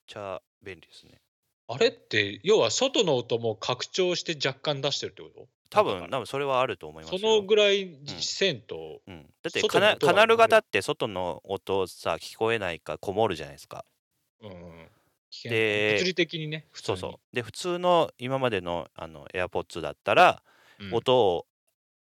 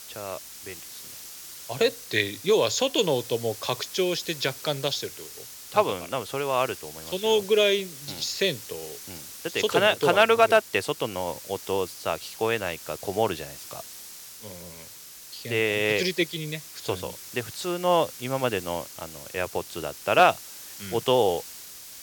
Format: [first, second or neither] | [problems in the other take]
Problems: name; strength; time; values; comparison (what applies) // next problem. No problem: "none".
first | hiss; noticeable; throughout; 15 dB below the speech